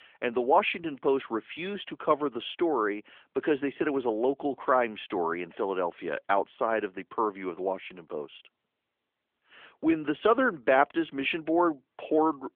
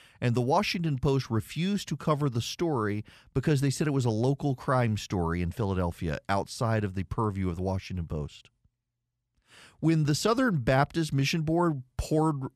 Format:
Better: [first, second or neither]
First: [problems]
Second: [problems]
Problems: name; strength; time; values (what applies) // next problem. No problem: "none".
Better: second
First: phone-call audio; nothing above 3.5 kHz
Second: none